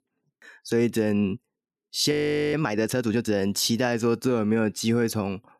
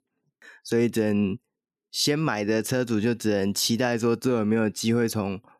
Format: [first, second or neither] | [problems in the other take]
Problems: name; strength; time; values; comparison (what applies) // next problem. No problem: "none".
second | audio freezing; at 2 s